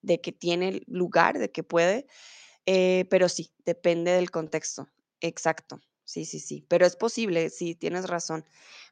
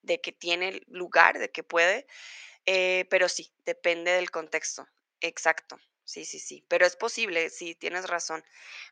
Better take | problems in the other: first | thin; very; fading below 500 Hz

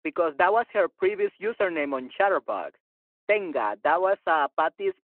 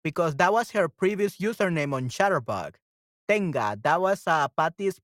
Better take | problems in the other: second | phone-call audio

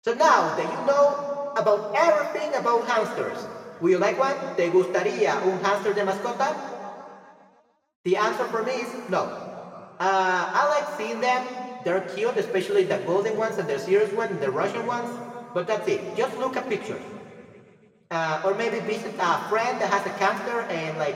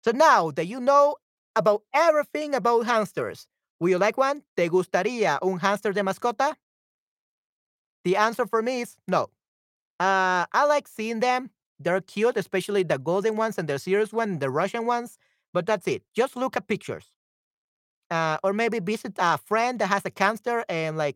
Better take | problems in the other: second | room echo; noticeable; dies away in 2.2 s // off-mic speech; somewhat distant

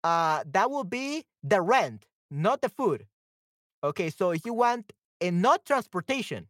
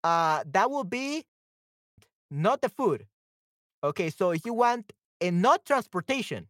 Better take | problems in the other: first | audio cutting out; at 1.5 s for 0.5 s

